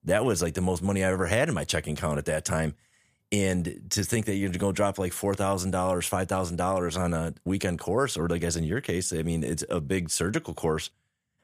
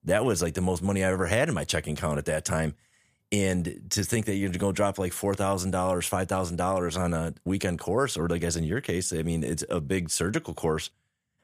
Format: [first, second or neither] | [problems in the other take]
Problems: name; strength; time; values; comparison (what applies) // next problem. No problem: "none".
neither | none